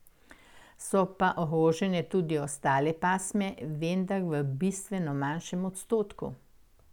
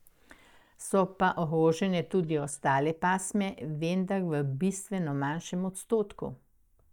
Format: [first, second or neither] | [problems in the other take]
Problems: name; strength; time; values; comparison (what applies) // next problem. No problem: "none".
first | noise reduction (neural mask model DeepFilterNet 3)